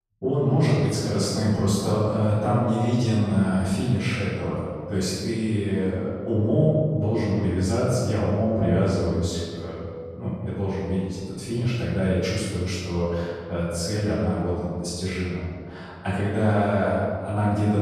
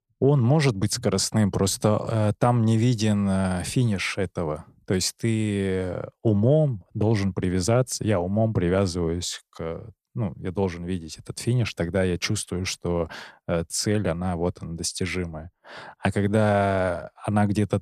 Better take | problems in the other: second | room echo; strong; dies away in 1.9 s // off-mic speech; far

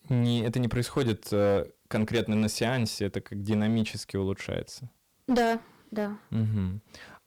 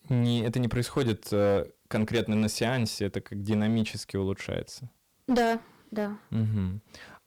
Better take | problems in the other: neither | distortion; slight; 7% of the sound clipped; the same in both

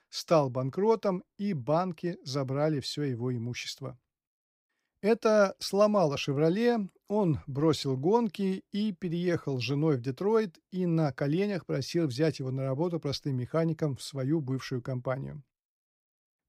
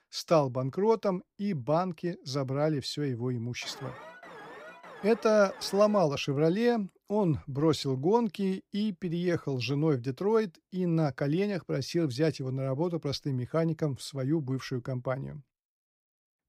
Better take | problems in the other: first | alarm; faint; from 3.5 to 6 s; peak 15 dB below the speech

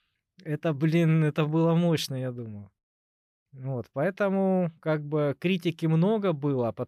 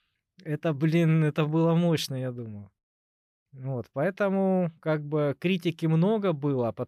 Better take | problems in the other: neither | none

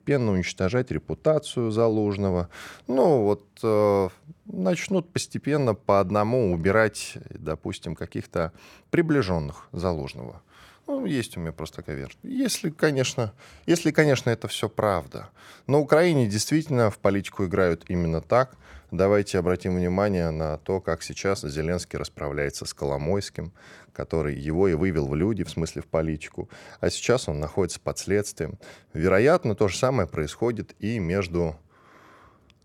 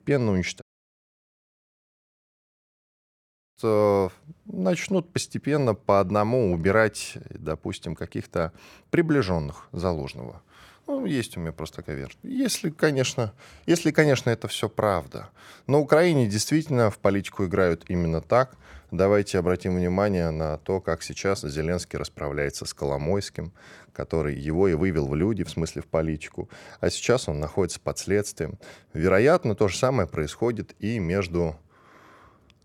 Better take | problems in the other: first | audio cutting out; at 0.5 s for 3 s

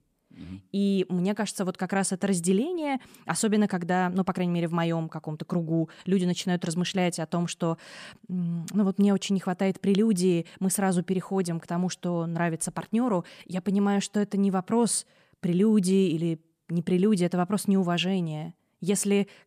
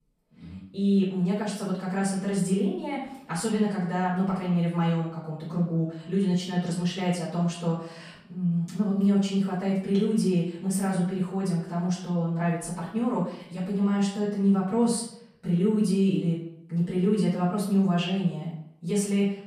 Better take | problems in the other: first | room echo; noticeable; dies away in 0.6 s // off-mic speech; far

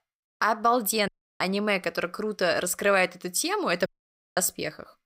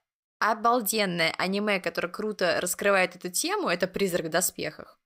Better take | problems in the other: second | audio cutting out; at 1 s and at 4 s for 0.5 s

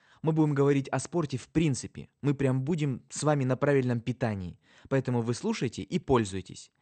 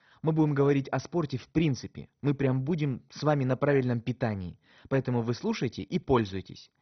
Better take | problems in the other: first | garbled, watery; badly; nothing above 6 kHz; slightly in the first

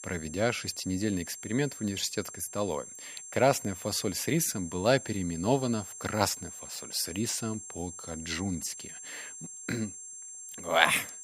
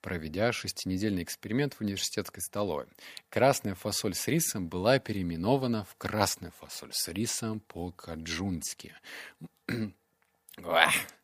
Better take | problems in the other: second | high-pitched whine; noticeable; throughout; 7.5 kHz, 10 dB below the speech

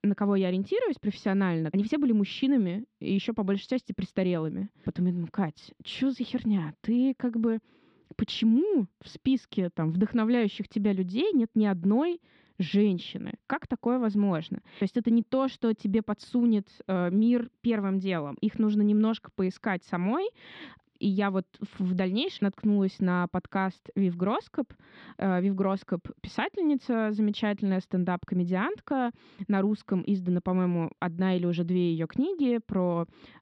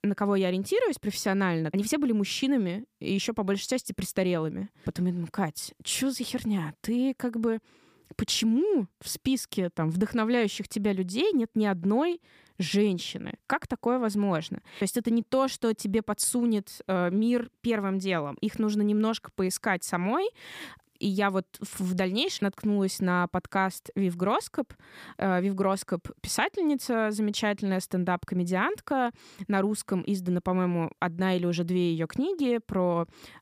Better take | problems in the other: second | muffled; slightly; fading above 4 kHz

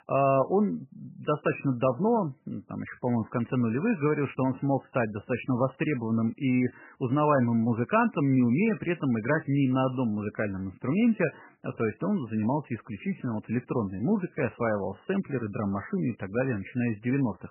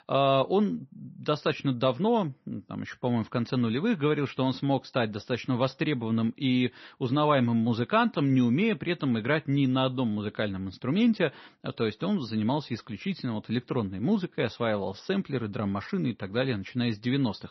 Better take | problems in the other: second | garbled, watery; badly; nothing above 3 kHz; slightly in the second

